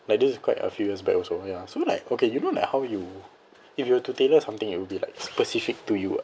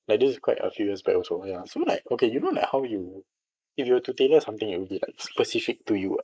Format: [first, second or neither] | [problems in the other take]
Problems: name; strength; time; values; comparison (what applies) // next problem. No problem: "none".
first | noise reduction (neural mask model Resemble Enhance denoiser)